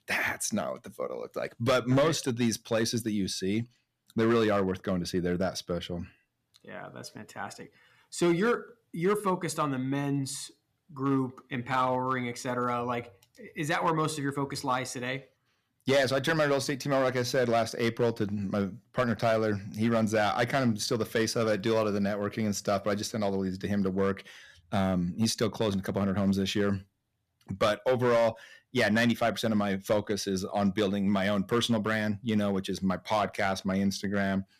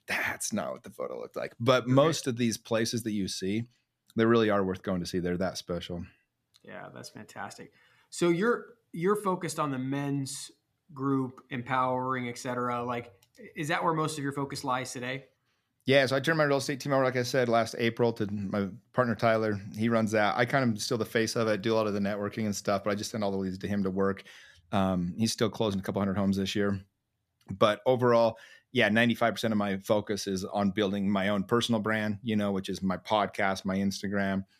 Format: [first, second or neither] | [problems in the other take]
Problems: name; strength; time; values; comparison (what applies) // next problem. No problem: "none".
second | distortion; slight; 3% of the sound clipped